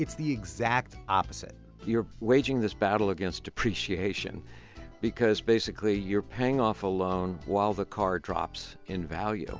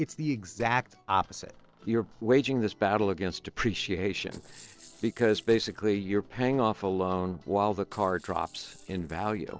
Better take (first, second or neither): first